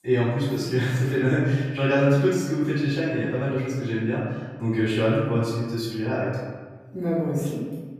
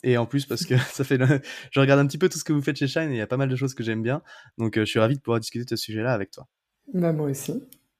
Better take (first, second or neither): second